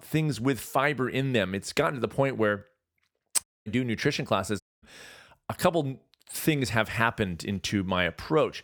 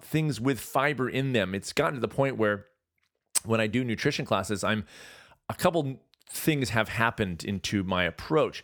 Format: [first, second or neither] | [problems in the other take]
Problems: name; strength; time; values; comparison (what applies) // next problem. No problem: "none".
second | audio cutting out; at 3.5 s and at 4.5 s